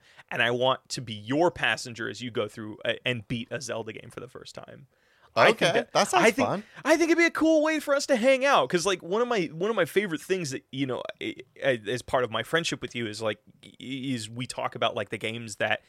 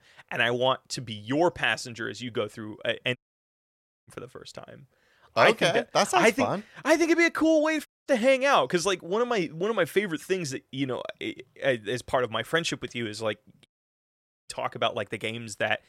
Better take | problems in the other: first | audio cutting out; at 3 s for 1 s, at 8 s and at 14 s for 1 s

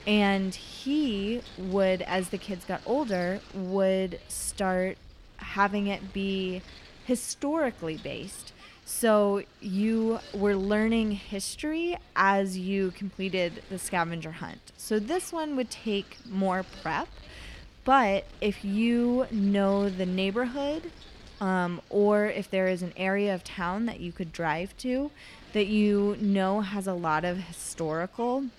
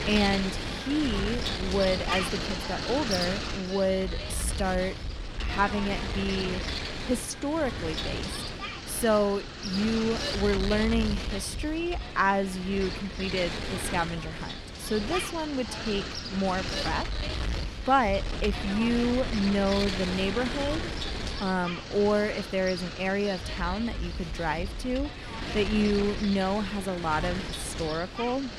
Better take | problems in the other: first | wind noise on the microphone; heavy; 4 dB below the speech; occasional gusts in the first

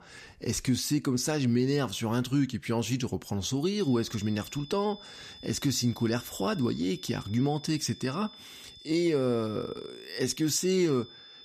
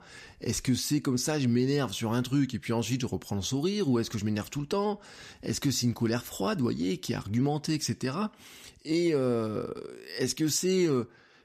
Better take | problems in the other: second | high-pitched whine; noticeable; from 4 s on; 3.5 kHz, 20 dB below the speech

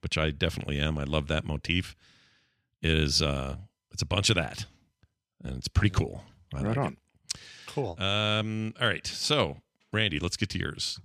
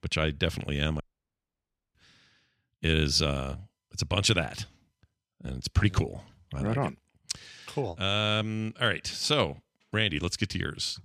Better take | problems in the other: first | audio cutting out; at 1 s for 1 s

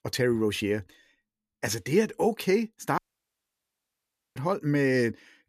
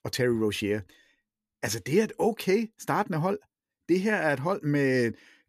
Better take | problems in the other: second | audio cutting out; at 3 s for 1.5 s

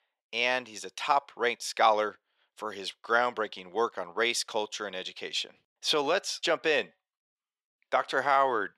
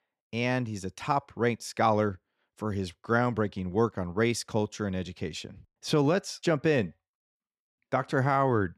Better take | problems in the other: second | thin; very; fading below 650 Hz

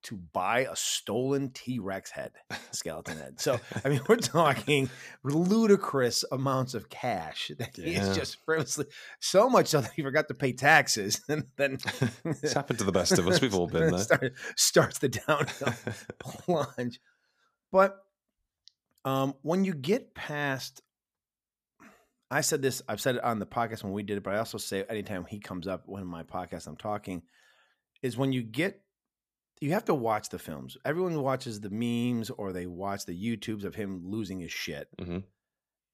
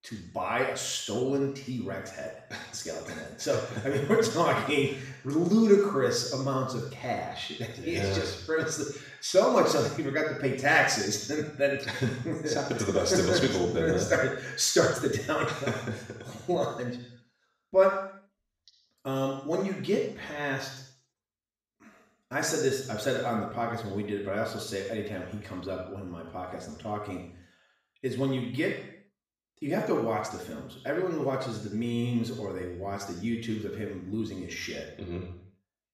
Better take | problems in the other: first | room echo; noticeable; dies away in 0.7 s // off-mic speech; far

